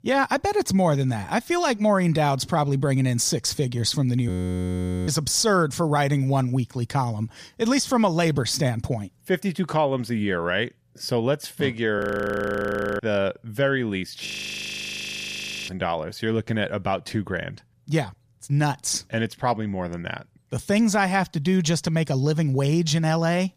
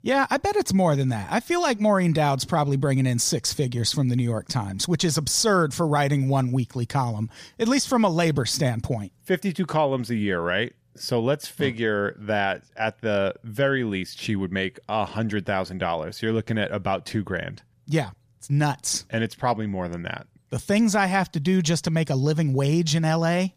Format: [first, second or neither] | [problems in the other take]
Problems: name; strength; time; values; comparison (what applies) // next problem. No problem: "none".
second | audio freezing; at 4.5 s for 1 s, at 12 s for 1 s and at 14 s for 1.5 s